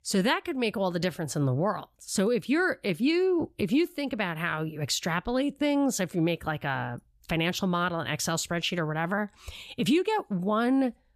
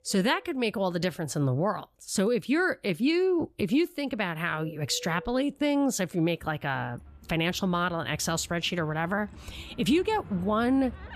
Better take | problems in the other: first | animal sounds; faint; throughout; 20 dB below the speech

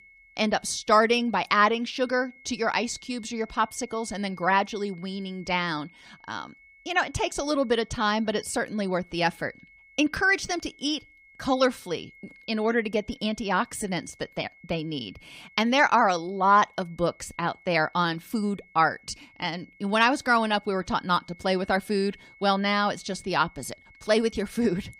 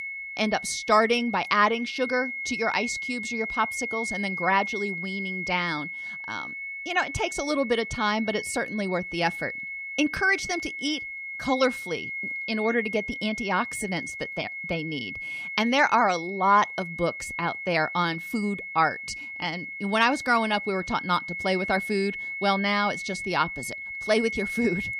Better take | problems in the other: first | high-pitched whine; loud; throughout; 2 kHz, 6 dB below the speech; faint in the first

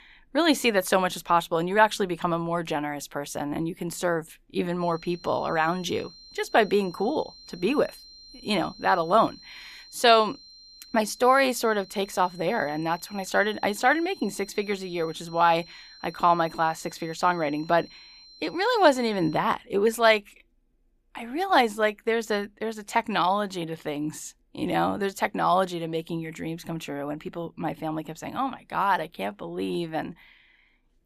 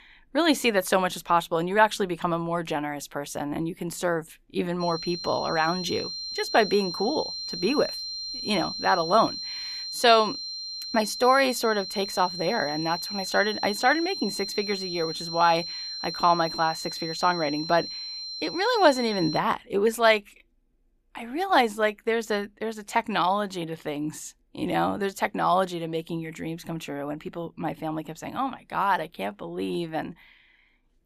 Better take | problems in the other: first | high-pitched whine; loud; from 5 to 19 s; 4 kHz, 6 dB below the speech; faint in the first

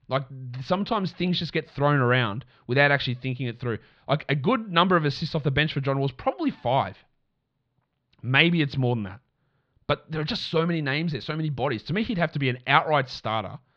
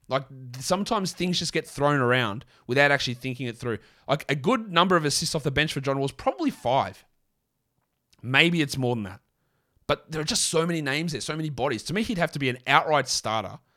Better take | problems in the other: second | muffled; slightly; fading above 4 kHz

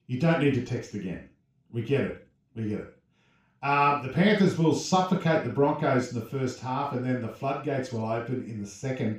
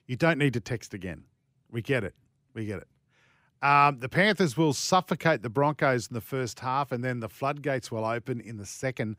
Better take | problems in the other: second | room echo; noticeable; dies away in 0.4 s // off-mic speech; far

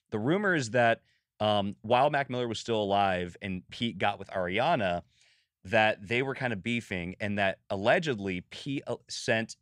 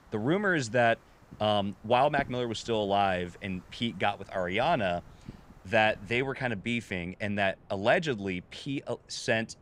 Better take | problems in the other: first | wind in the background; faint; throughout; 25 dB below the speech

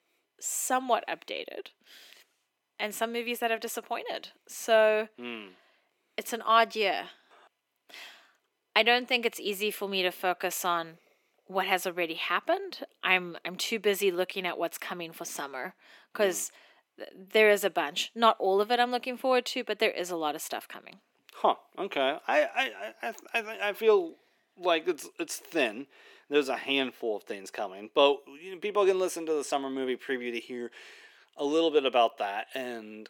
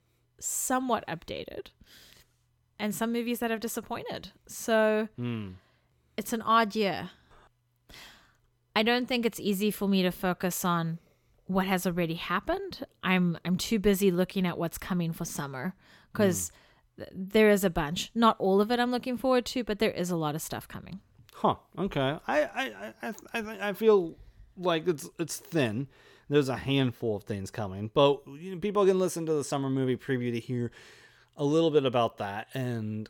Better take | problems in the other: second | thin; somewhat; fading below 300 Hz

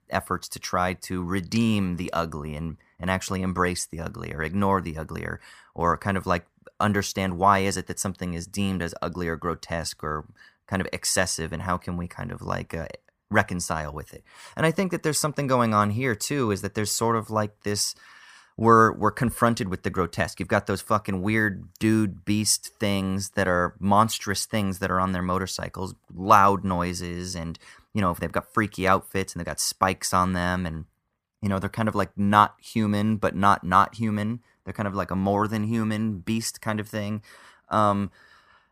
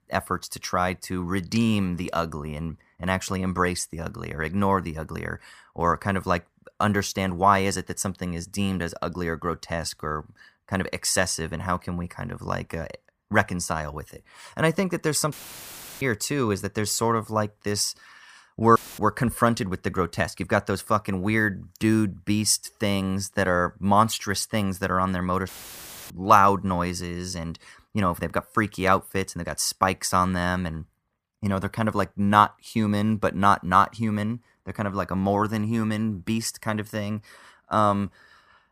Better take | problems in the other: first | audio cutting out; filled with static; at 15 s for 0.5 s, at 19 s and at 25 s for 0.5 s

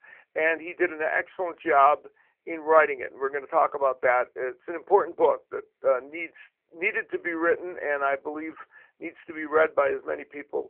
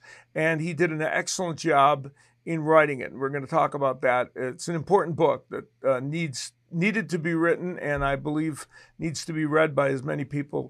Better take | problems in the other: second | phone-call audio

